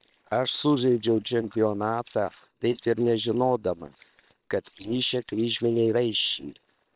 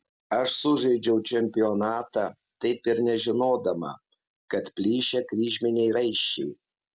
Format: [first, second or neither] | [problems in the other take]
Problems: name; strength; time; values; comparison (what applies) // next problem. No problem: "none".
second | noise reduction (neural separator model SepFormer WHAM!)